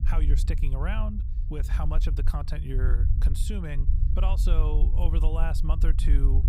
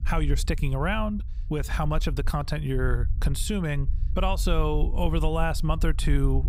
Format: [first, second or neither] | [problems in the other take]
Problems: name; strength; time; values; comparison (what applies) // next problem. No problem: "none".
second | low rumble; loud; throughout; 8 dB below the speech; faint in the second